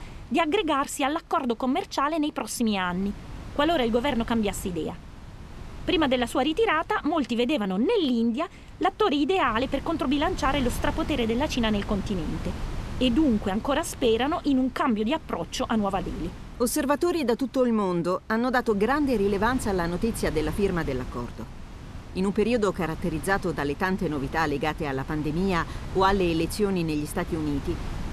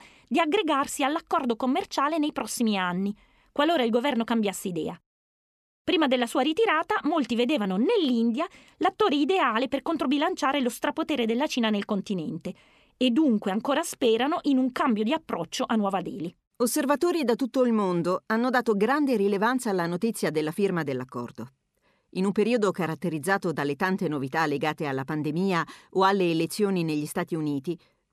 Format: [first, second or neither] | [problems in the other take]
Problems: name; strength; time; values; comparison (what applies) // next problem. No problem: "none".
second | wind noise on the microphone; occasional gusts; 20 dB below the speech